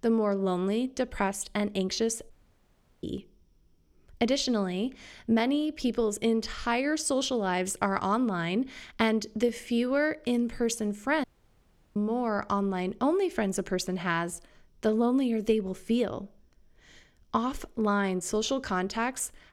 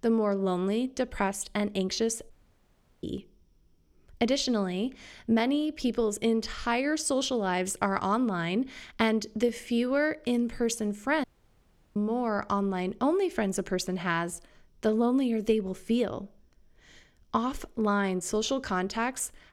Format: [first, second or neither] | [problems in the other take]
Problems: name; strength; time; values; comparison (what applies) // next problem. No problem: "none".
neither | audio cutting out; at 2.5 s for 0.5 s and at 11 s for 0.5 s; the same in both